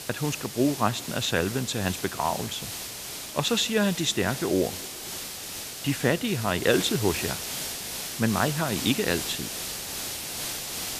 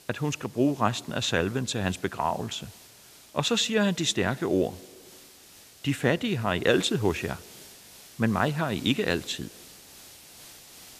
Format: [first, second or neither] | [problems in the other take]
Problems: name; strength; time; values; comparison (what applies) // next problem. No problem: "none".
second | hiss; loud; throughout; 6 dB below the speech; faint in the second